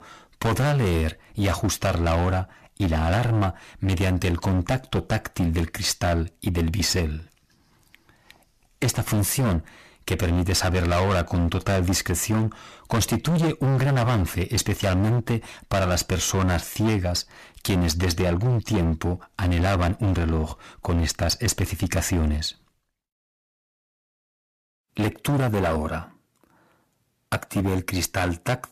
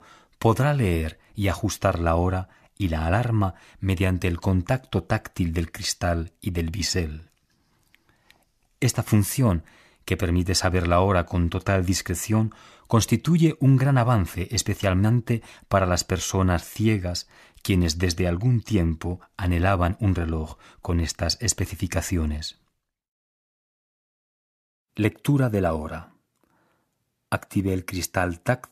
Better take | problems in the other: second | distortion; heavy; 21% of the sound clipped

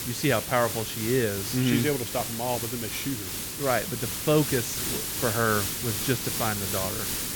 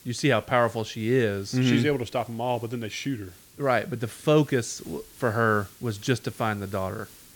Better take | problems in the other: second | hiss; loud; throughout; 2 dB below the speech; faint in the second

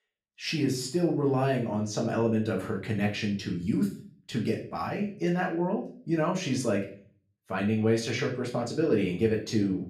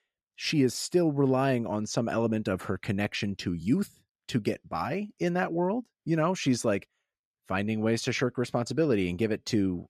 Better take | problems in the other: second | room echo; slight; dies away in 0.4 s // off-mic speech; far

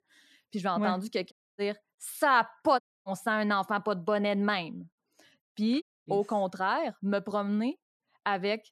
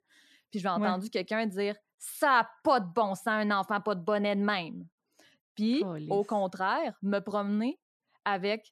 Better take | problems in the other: second | audio cutting out; at 1.5 s, at 3 s and at 6 s

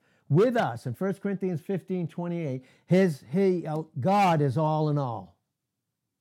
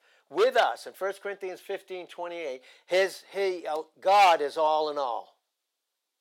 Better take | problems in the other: first | thin; very; fading below 450 Hz

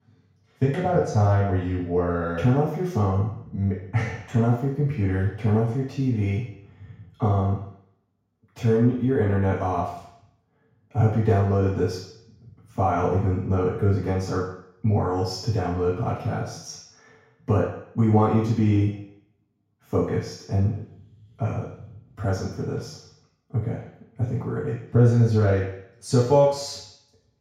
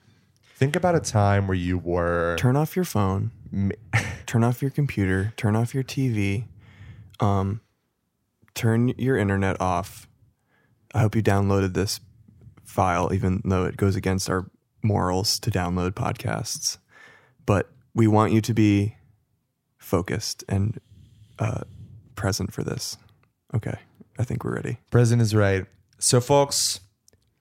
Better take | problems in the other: second | room echo; noticeable; dies away in 0.7 s // off-mic speech; far

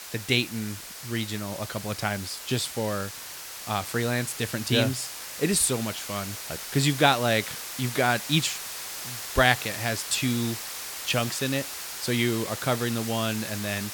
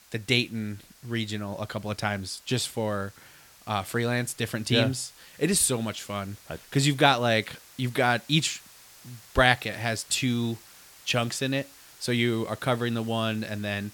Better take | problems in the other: second | hiss; loud; throughout; 8 dB below the speech; faint in the second

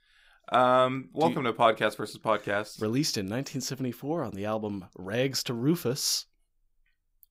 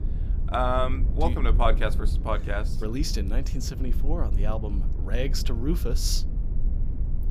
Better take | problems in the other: first | low rumble; noticeable; throughout; 15 dB below the speech

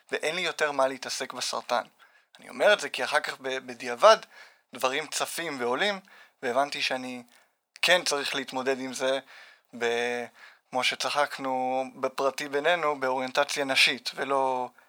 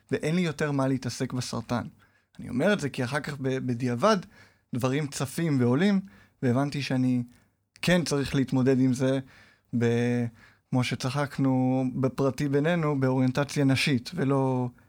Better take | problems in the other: second | thin; very; fading below 750 Hz

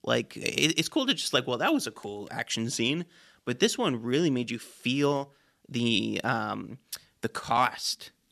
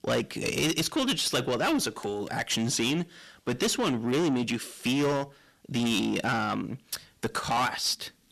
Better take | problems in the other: first | distortion; heavy; 6 dB below the speech

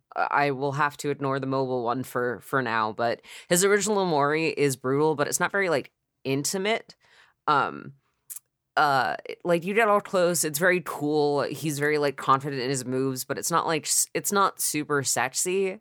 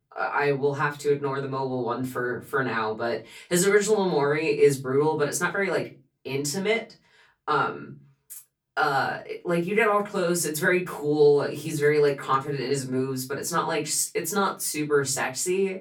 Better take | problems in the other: first | off-mic speech; far // room echo; very slight; dies away in 0.2 s

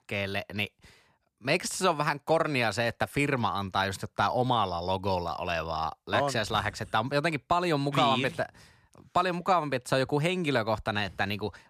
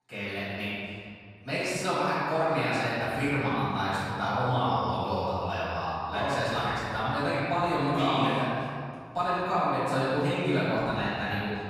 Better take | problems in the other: first | room echo; strong; dies away in 2.1 s // off-mic speech; far

